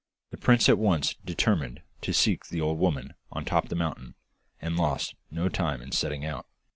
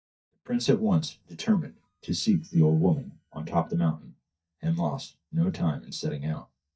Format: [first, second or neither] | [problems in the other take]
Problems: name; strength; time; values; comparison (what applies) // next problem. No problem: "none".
first | noise reduction (neural mask model DeepFilterNet 3)